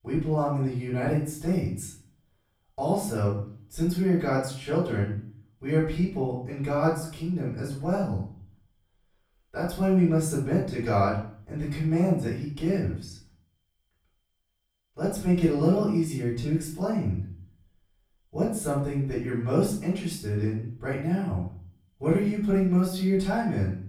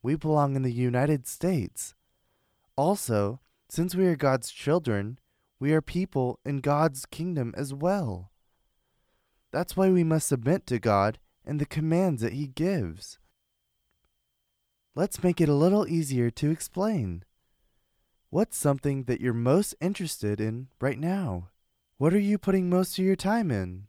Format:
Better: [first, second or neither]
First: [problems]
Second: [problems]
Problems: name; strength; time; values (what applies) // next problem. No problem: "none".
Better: second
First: off-mic speech; far // room echo; noticeable; dies away in 0.5 s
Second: none